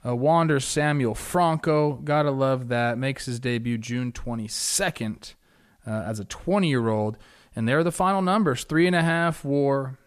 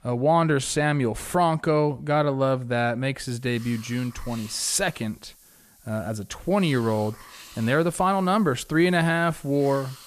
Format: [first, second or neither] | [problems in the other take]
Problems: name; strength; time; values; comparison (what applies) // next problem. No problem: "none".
first | hiss; faint; from 3 s on; 25 dB below the speech